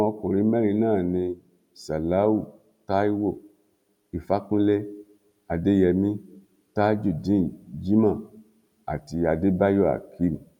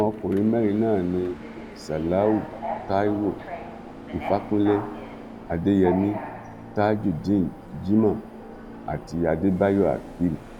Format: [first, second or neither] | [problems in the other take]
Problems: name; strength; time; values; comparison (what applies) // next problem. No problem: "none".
first | background sound (Subway, metro, underground); 12 dB below the speech